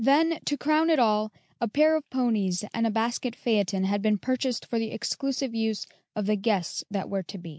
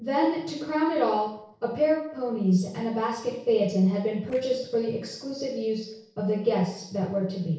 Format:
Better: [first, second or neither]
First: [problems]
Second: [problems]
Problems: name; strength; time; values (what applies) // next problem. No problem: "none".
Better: first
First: none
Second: noise reduction (neural separator model SepFormer DNS4)